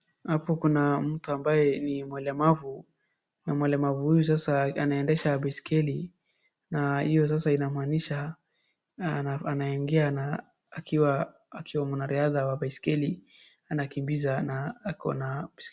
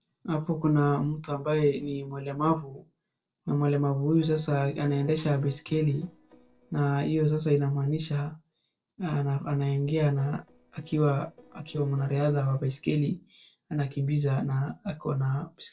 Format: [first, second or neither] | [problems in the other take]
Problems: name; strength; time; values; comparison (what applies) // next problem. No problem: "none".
first | noise reduction (neural separator model SepFormer DNS4)